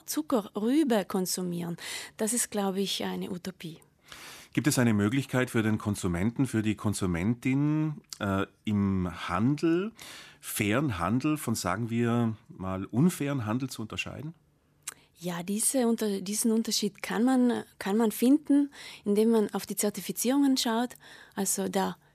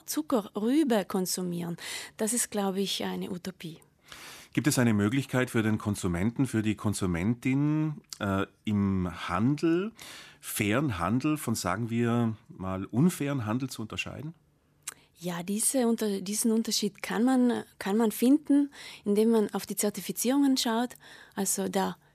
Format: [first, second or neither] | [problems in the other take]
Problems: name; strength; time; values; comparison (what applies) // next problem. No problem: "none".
neither | none